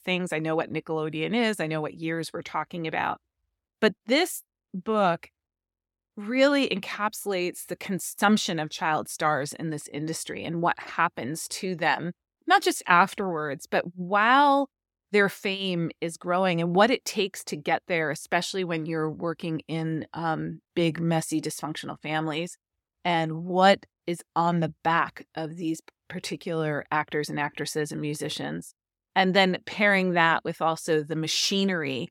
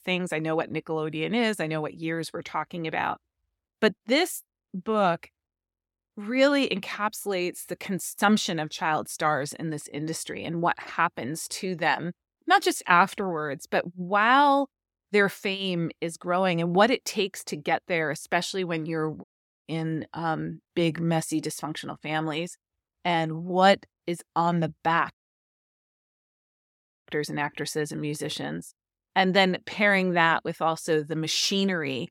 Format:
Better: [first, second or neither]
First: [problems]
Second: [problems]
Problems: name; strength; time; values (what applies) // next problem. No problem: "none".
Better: first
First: none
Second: audio cutting out; at 19 s and at 25 s for 2 s